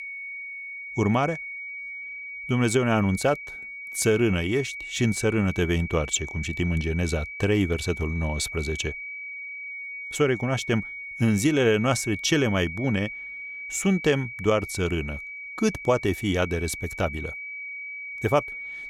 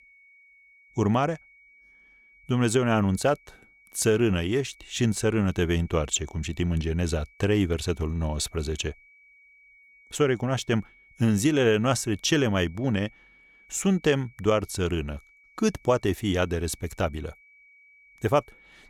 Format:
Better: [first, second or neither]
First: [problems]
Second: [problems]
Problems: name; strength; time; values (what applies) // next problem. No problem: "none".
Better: second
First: high-pitched whine; loud; throughout; 2.5 kHz, 9 dB below the speech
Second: high-pitched whine; faint; throughout; 2.5 kHz, 30 dB below the speech